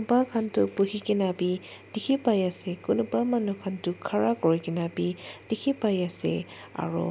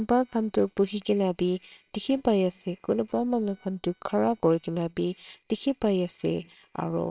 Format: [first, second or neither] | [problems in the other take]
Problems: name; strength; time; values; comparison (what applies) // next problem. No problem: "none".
first | noise reduction (neural separator model SepFormer WHAMR!)